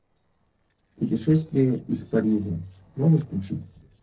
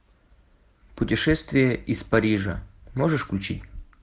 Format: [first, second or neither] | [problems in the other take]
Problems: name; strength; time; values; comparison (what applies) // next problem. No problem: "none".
second | noise reduction (neural separator model SepFormer DNS4)